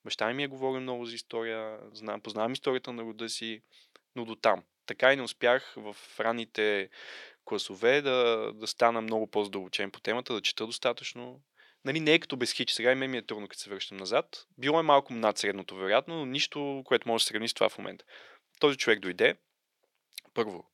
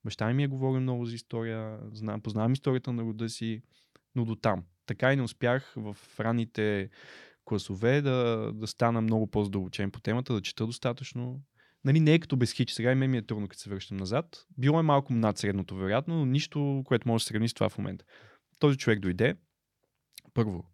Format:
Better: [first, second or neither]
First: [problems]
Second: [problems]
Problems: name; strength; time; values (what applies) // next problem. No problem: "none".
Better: second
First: thin; somewhat; fading below 500 Hz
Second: none